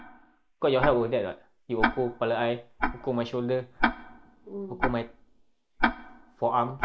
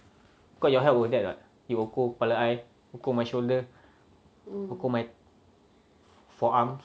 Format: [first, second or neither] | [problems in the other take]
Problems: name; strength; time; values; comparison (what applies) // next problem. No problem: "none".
second | noise reduction (neural mask model Resemble Enhance denoiser)